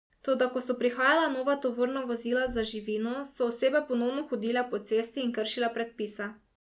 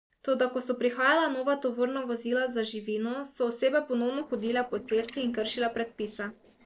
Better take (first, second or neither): first